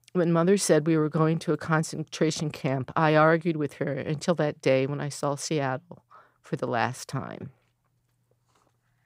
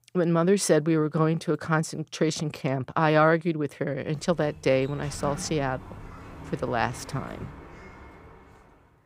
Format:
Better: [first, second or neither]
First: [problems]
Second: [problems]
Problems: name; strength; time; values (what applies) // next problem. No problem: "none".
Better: first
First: none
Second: door banging; faint; from 4 s on; peak 10 dB below the speech